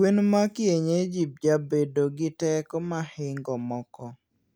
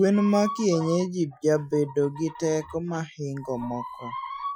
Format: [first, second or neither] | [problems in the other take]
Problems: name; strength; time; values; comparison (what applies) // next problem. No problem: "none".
first | noise reduction (classical method Wiener filter)